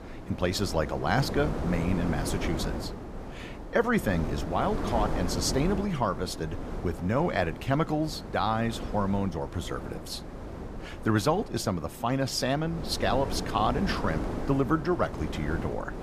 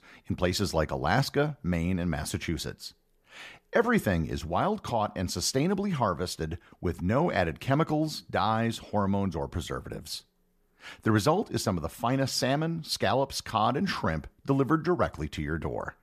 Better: second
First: wind noise on the microphone; heavy; 9 dB below the speech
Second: none

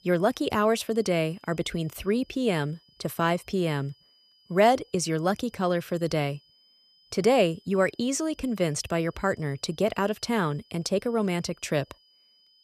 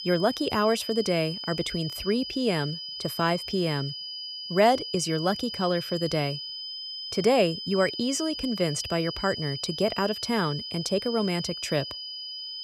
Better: first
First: high-pitched whine; faint; throughout; 5 kHz, 30 dB below the speech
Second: high-pitched whine; loud; throughout; 5 kHz, 7 dB below the speech

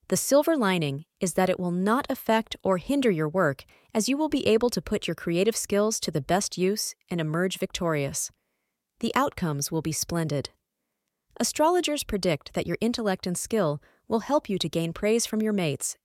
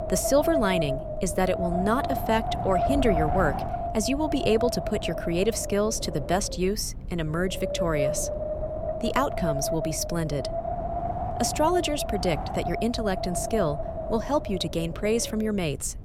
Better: first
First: none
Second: wind noise on the microphone; heavy; 2 dB below the speech

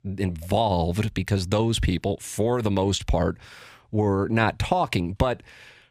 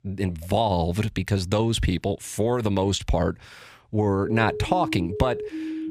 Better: first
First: none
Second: siren; noticeable; from 4 s on; peak 7 dB below the speech

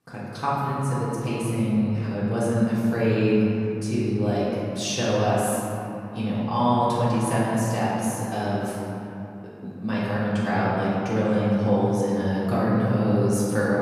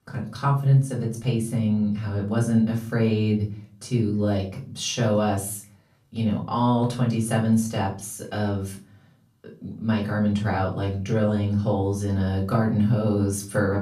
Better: second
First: room echo; strong; dies away in 2.9 s // off-mic speech; far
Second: room echo; slight; dies away in 0.4 s // off-mic speech; far

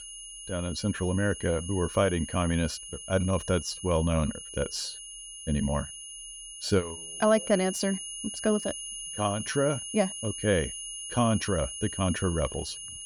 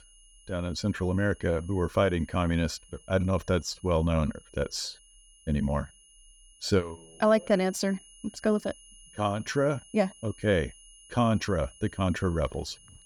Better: second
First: high-pitched whine; loud; throughout; 10 kHz, 8 dB below the speech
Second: high-pitched whine; faint; throughout; 10 kHz, 25 dB below the speech

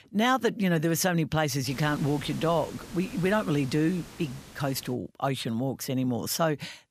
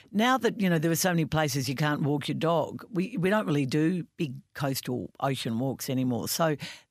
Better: second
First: hiss; noticeable; from 1.5 to 5 s; 15 dB below the speech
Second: none

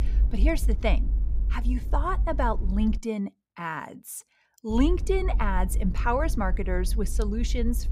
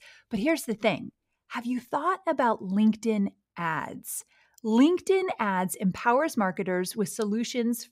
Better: second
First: low rumble; noticeable; until 3 s and from 4.5 s on; 20 dB below the speech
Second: none

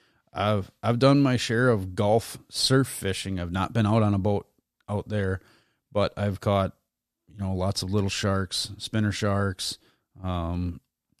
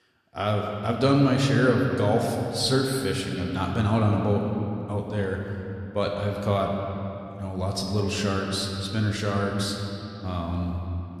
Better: first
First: none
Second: room echo; noticeable; dies away in 2.7 s

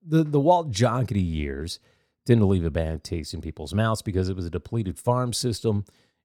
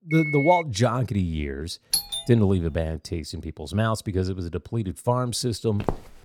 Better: first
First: none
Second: phone ringing; noticeable; at the start; peak 3 dB below the speech // doorbell; loud; at 2 s; peak 1 dB above the speech // footsteps; noticeable; at 6 s; peak 6 dB below the speech

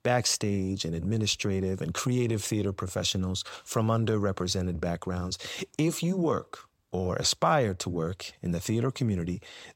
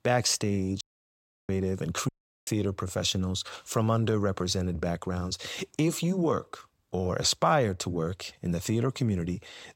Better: first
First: none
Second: audio cutting out; at 1 s for 0.5 s and at 2 s

